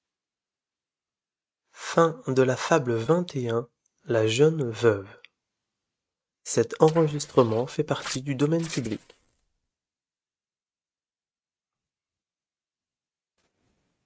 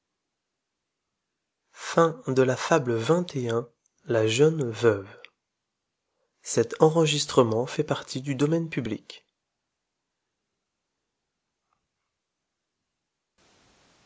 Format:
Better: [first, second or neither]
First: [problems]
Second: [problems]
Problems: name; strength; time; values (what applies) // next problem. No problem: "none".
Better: second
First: noise reduction (neural mask model RNNoise)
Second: none